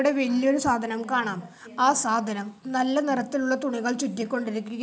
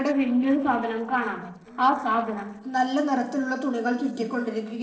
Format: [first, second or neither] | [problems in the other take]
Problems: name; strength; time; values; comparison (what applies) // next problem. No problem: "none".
first | noise reduction (neural separator model SepFormer DNS4)